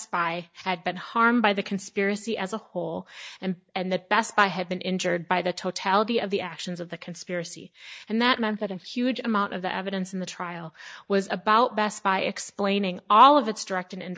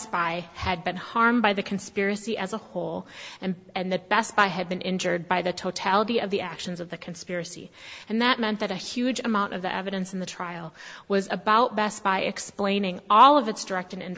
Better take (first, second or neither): second